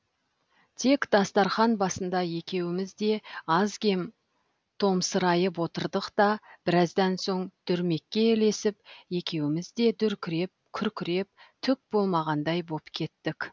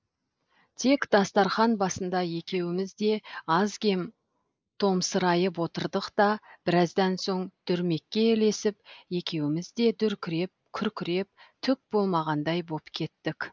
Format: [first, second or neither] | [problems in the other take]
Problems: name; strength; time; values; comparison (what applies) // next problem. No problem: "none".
first | noise reduction (neural mask model Resemble Enhance denoiser)